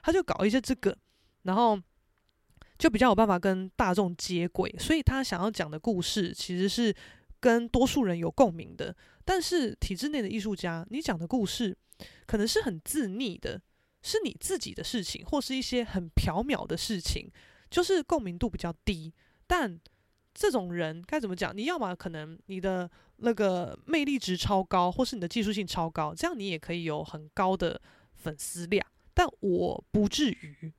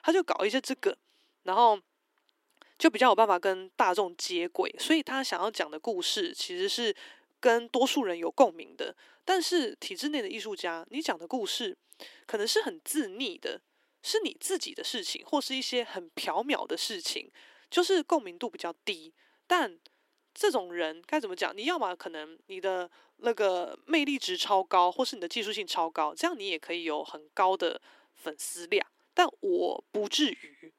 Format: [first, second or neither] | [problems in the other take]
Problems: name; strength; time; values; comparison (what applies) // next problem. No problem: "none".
first | thin; somewhat; fading below 300 Hz